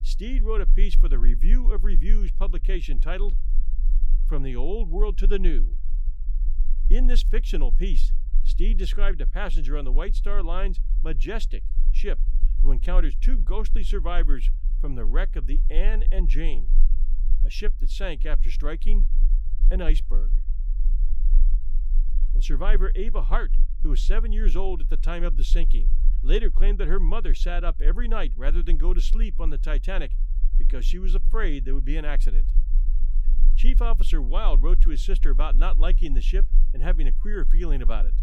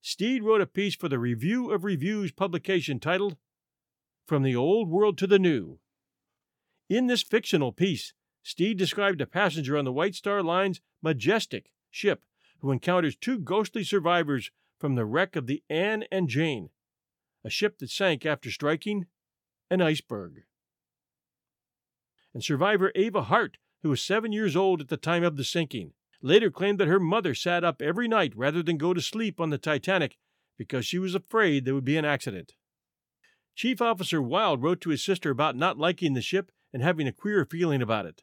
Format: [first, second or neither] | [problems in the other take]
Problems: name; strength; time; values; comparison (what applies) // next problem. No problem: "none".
second | low rumble; noticeable; throughout; 20 dB below the speech